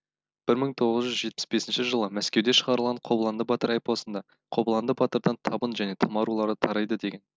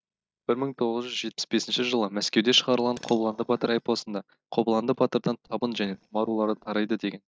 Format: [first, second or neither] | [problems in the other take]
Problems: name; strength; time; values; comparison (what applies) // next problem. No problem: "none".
first | noise reduction (neural mask model DeepFilterNet 3)